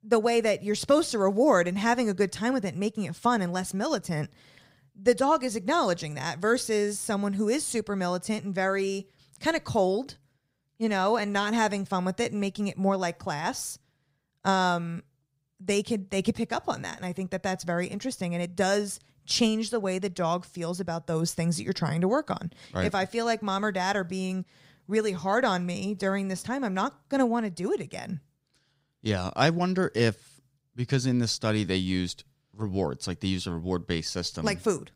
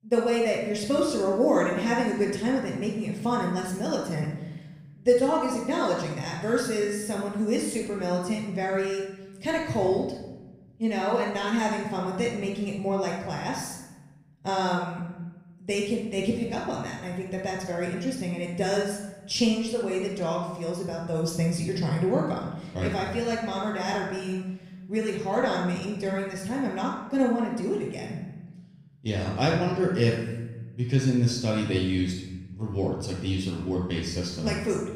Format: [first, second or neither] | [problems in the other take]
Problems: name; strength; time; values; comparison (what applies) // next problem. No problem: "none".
first | off-mic speech; far // room echo; noticeable; dies away in 1 s